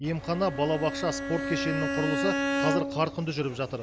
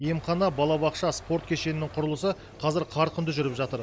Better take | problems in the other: second | background sound (Bowed string instrument); 2 dB below the speech

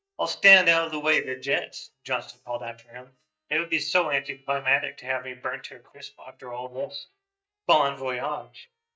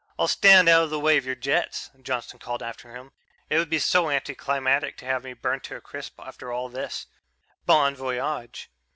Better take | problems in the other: second | noise reduction (neural mask model DeepFilterNet 3)

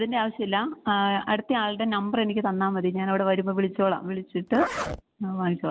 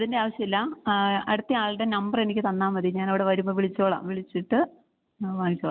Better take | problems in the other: second | background sound (Zipper (clothing)); 9 dB below the speech

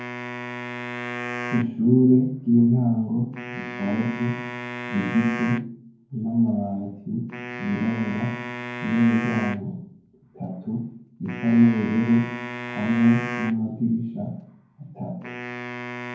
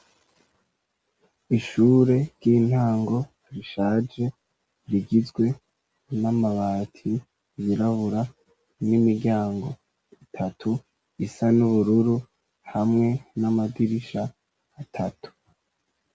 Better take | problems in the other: second | background sound (Wind instrument, woodwind instrument); 10 dB below the speech // room echo; dies away in 0.9 s

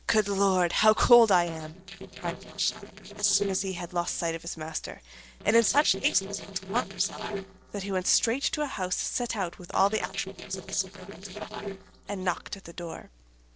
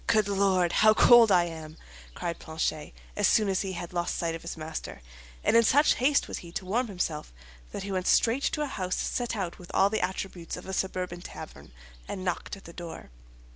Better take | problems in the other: second | noise reduction (neural separator model SepFormer DNS4)

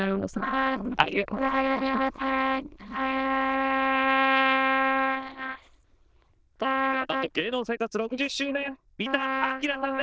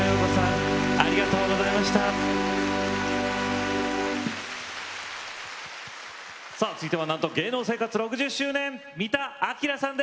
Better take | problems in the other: second | noise reduction (neural diffusion model UNIVERSE++)

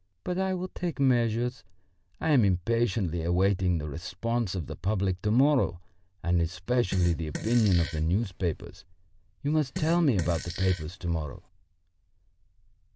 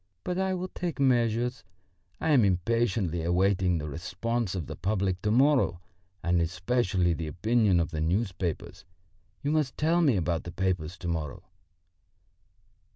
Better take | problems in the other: second | background sound (Fart); 12 dB below the speech

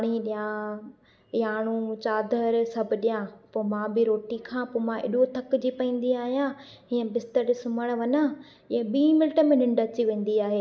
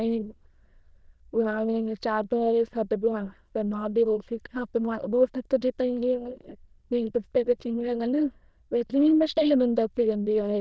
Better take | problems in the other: first | noise reduction (neural diffusion model UNIVERSE++)

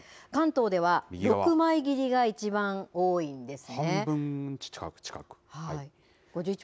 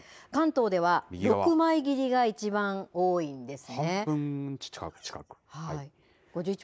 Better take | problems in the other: first | noise reduction (neural mask model Resemble Enhance denoiser)

